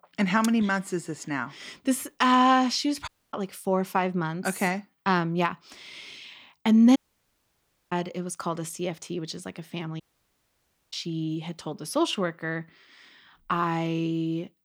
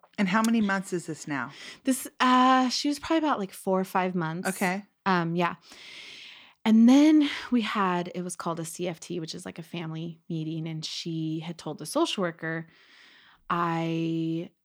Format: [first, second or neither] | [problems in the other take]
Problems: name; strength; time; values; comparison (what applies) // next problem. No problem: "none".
second | audio cutting out; at 3 s, at 7 s for 1 s and at 10 s for 1 s